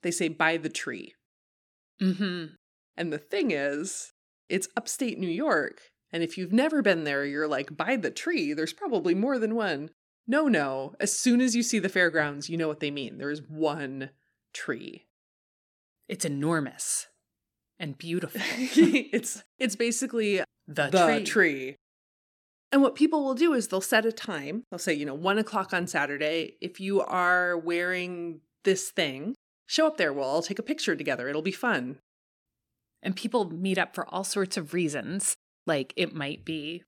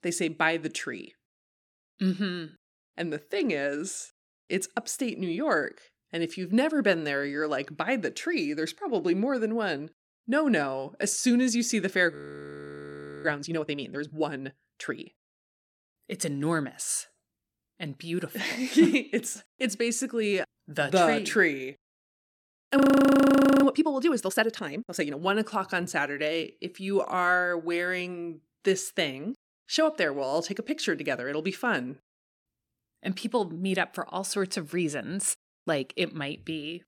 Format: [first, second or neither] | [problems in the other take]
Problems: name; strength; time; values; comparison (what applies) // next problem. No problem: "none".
first | audio freezing; at 12 s for 1 s and at 23 s for 1 s